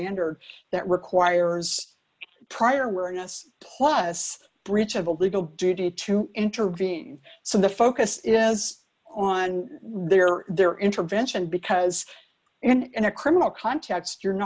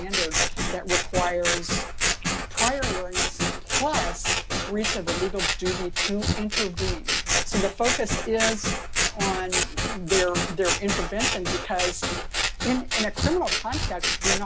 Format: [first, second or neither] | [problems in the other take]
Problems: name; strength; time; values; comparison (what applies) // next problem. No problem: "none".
first | background sound (Scissors); 3 dB above the speech